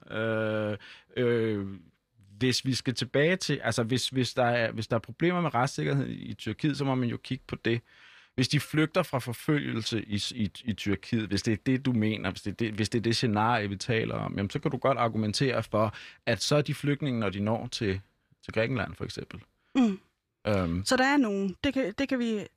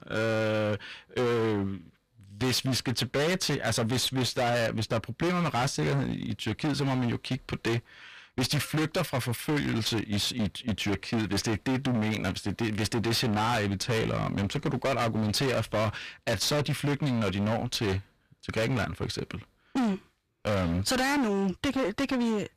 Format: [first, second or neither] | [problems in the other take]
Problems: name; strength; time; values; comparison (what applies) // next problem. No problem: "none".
first | distortion; heavy; 26% of the sound clipped